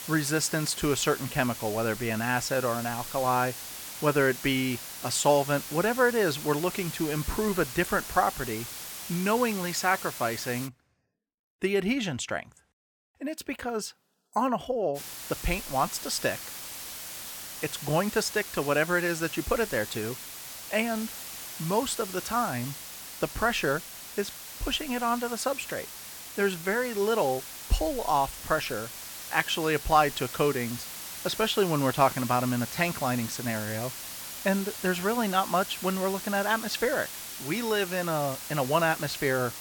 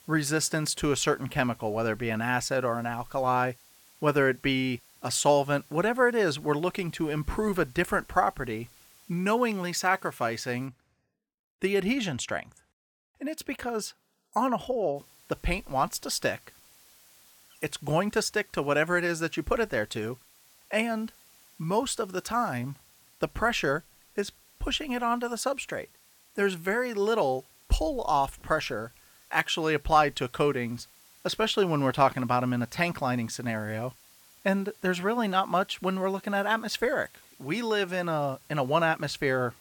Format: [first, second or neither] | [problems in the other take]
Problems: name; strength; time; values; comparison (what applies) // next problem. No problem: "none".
second | hiss; loud; until 11 s and from 15 s on; 9 dB below the speech; faint in the second